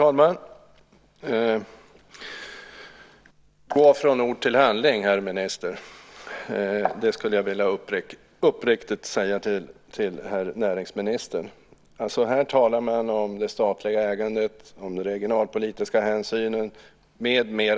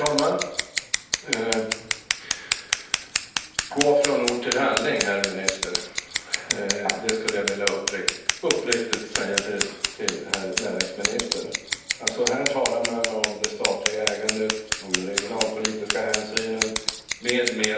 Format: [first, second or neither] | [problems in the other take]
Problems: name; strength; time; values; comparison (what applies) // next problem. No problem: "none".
first | background sound (Scissors); 1 dB below the speech // room echo; dies away in 0.9 s